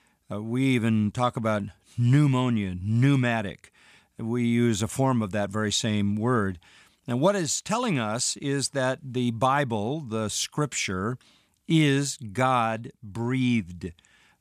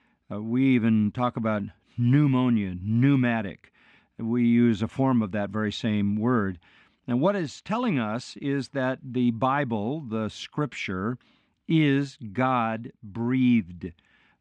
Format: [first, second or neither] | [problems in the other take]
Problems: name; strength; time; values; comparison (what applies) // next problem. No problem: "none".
first | muffled; slightly; fading above 2.5 kHz